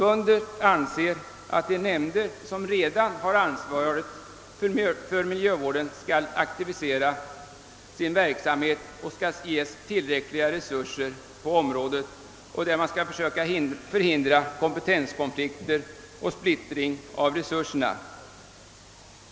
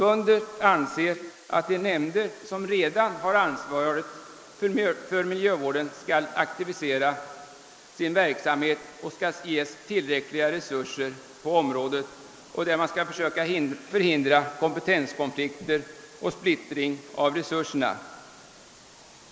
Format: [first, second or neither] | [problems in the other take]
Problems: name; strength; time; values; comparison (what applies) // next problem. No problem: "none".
first | noise reduction (neural mask model Resemble Enhance denoiser)